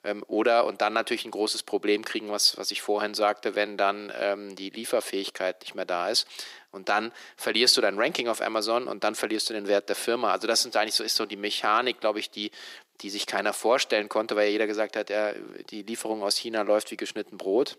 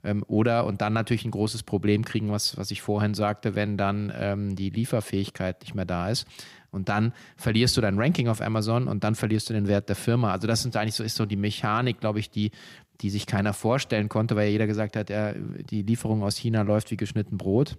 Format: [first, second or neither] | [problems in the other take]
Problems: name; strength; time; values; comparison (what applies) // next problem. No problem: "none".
second | thin; very; fading below 350 Hz